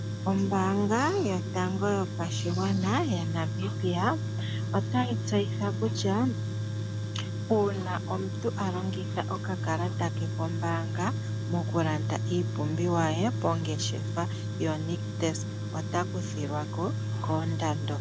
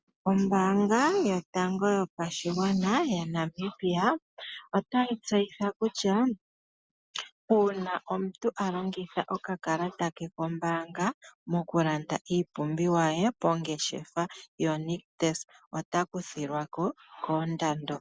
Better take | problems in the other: second | background sound (Tools); 1 dB below the speech

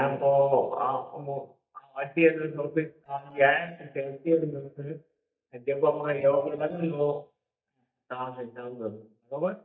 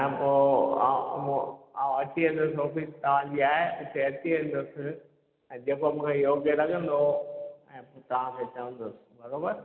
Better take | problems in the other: second | noise reduction (neural mask model DeepFilterNet 3)

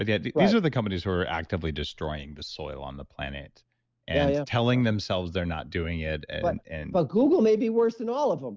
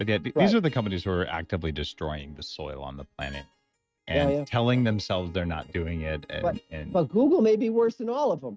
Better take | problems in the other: first | noise reduction (neural mask model RNNoise)

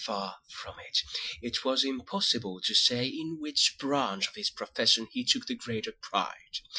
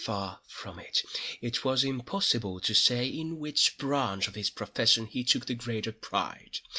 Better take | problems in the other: second | noise reduction (classical method Wiener filter)

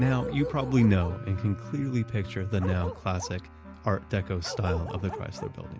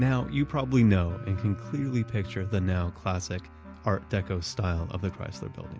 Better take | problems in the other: second | background sound (Bark); 13 dB below the speech

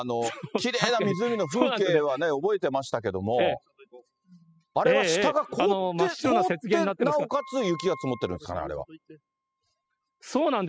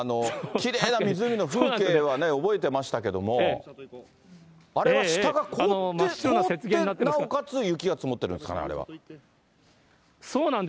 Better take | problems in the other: second | noise reduction (classical method spectral subtraction)

